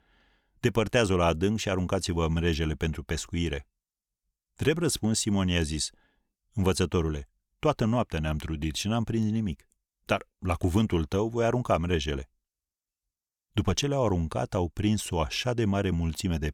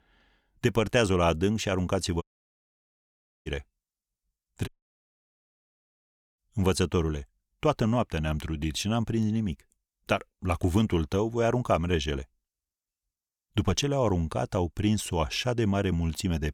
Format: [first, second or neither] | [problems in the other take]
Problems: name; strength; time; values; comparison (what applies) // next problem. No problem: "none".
first | audio cutting out; at 2 s for 1 s and at 4.5 s for 1.5 s